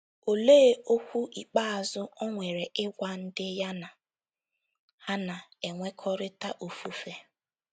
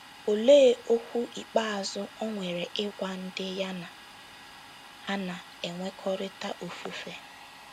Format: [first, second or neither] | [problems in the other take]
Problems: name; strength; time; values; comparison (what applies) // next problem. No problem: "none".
first | background sound (Domestic sounds, home sounds); 19 dB below the speech